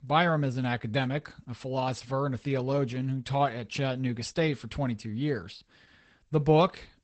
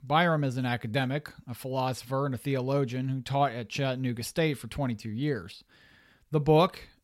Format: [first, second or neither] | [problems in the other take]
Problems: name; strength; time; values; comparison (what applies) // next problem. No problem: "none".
second | garbled, watery; badly; nothing above 8 kHz